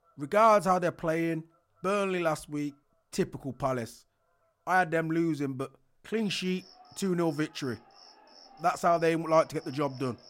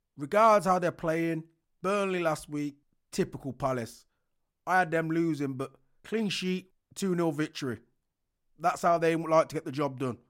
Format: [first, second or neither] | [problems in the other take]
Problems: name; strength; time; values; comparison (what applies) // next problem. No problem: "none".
second | animal sounds; faint; throughout; 25 dB below the speech